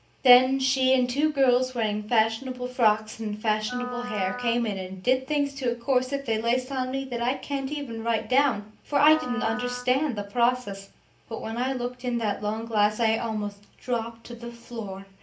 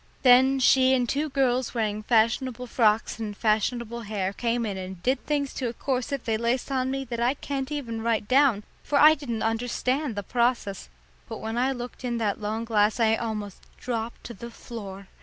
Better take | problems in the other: second | background sound (Wind instrument, woodwind instrument); 12 dB below the speech // room echo; dies away in 0.3 s

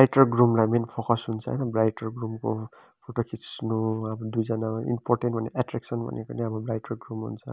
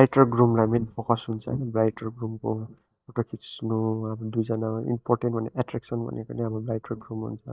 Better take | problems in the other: first | noise reduction (neural mask model DeepFilterNet 3)

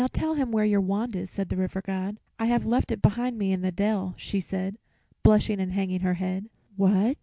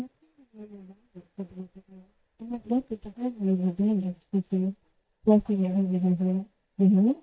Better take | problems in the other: first | noise reduction (neural mask model DeepFilterNet 3)

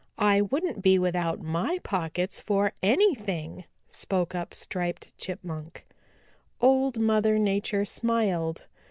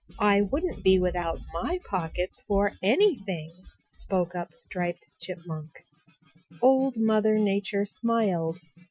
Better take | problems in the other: first | noise reduction (classical method Wiener filter)

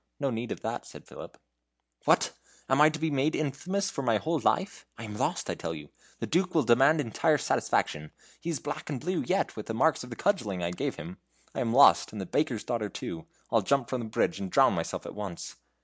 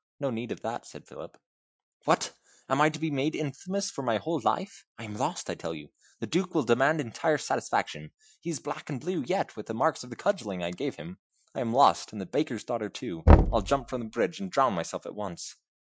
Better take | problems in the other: first | noise reduction (classical method Wiener filter)

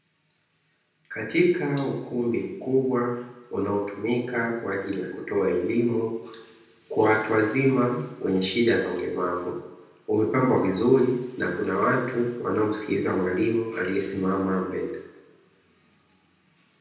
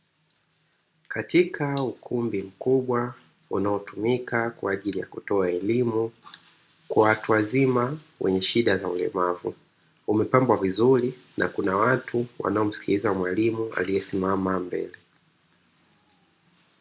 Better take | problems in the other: second | room echo; dies away in 0.9 s

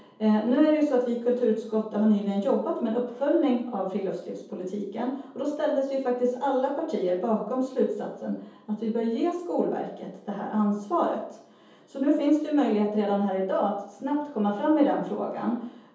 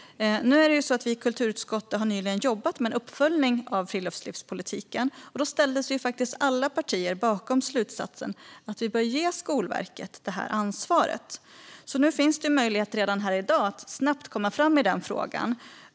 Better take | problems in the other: second | room echo; dies away in 0.7 s

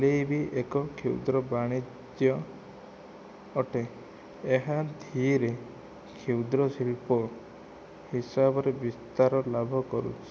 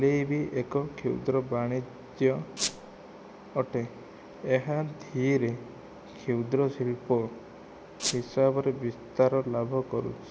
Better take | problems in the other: first | background sound (Squeak); 4 dB below the speech

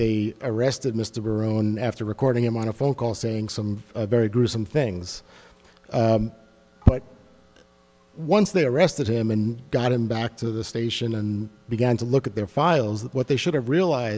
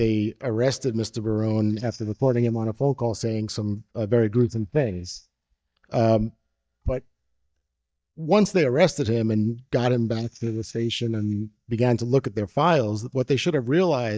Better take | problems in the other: first | noise reduction (neural mask model DeepFilterNet 3)

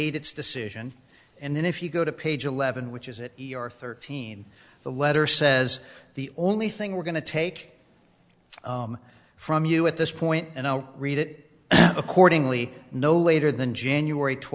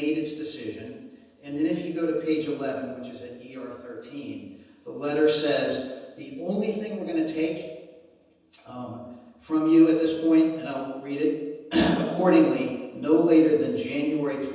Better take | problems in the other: first | room echo; dies away in 1.1 s

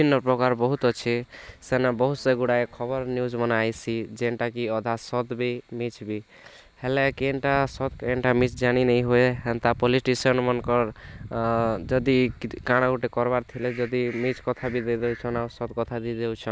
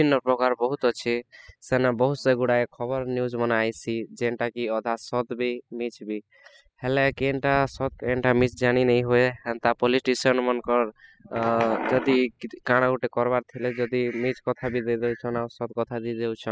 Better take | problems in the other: first | noise reduction (classical method spectral subtraction)

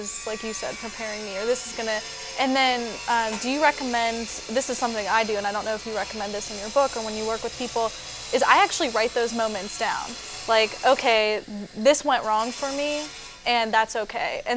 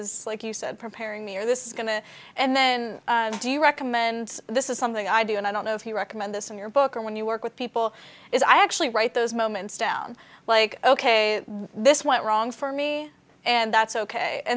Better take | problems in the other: second | background sound (Sawing); 13 dB below the speech

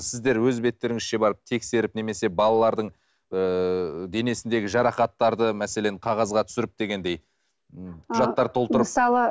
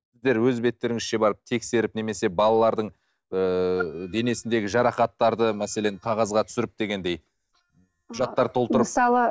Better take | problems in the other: first | noise reduction (neural mask model DeepFilterNet 3)

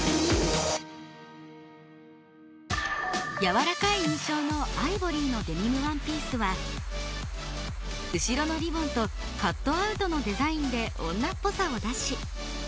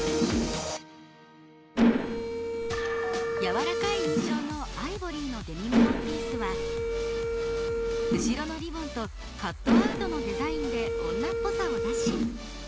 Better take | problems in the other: first | background sound (Mechanisms); 5 dB above the speech

